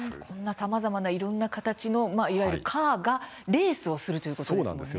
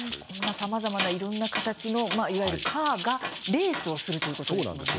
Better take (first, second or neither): first